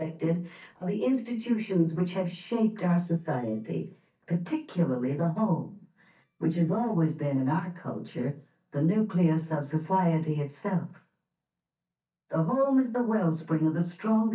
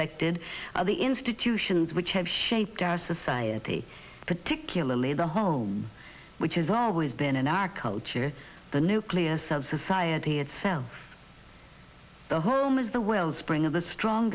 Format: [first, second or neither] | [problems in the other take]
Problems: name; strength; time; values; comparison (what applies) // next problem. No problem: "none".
second | noise reduction (neural mask model DeepFilterNet 3)